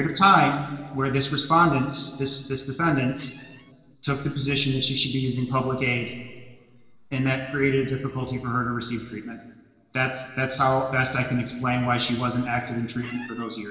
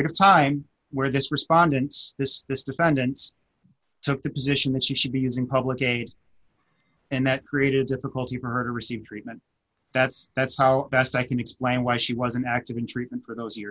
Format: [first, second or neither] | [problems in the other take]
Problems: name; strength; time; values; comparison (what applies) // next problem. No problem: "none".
second | noise reduction (neural separator model SepFormer DNS4)